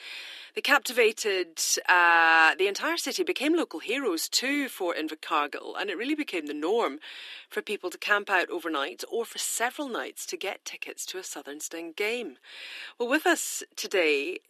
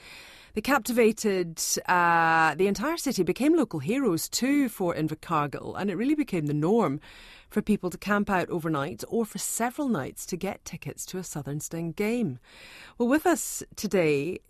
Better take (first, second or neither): second